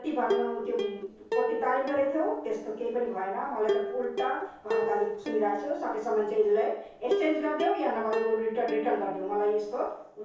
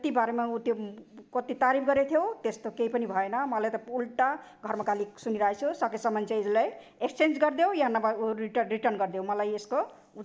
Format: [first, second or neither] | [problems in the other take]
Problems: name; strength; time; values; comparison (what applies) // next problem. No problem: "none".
second | background sound (Plucked string instrument); 5 dB below the speech // room echo; dies away in 0.6 s